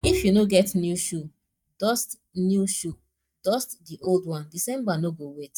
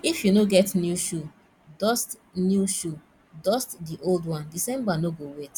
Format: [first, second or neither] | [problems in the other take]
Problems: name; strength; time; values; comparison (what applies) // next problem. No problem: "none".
second | noise reduction (neural mask model DeepFilterNet 3)